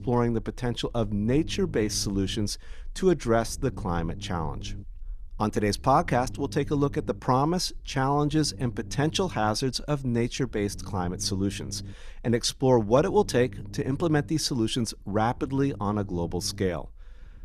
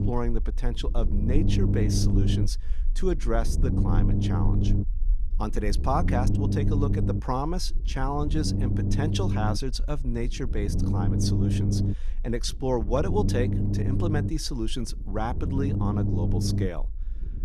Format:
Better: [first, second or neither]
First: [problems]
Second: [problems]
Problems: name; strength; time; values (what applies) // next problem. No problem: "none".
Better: first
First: low rumble; faint; throughout; 25 dB below the speech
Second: low rumble; loud; throughout; 4 dB below the speech